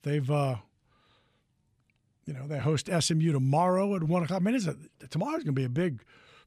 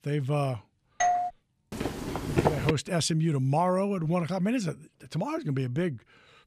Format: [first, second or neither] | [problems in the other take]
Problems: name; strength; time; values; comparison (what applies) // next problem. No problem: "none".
first | doorbell; loud; at 1 s; peak 2 dB above the speech // footsteps; loud; at 1.5 s; peak 2 dB above the speech